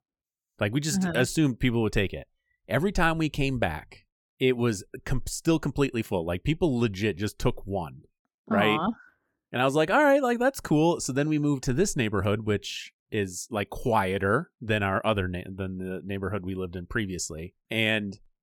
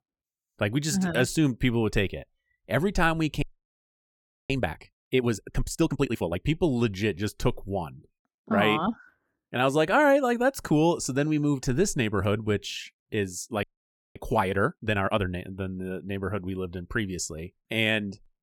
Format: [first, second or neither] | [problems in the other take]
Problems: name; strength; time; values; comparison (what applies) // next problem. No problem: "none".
first | audio freezing; at 3.5 s for 1 s and at 14 s for 0.5 s